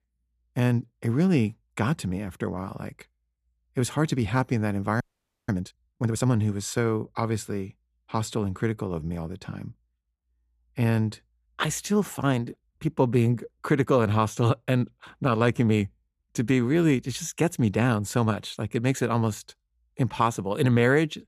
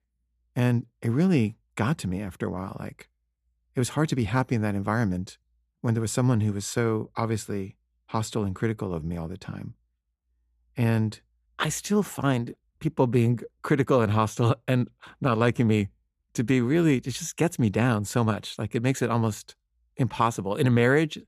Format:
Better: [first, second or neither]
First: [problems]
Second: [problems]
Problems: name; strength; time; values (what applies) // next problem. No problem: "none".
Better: second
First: audio freezing; at 5 s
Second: none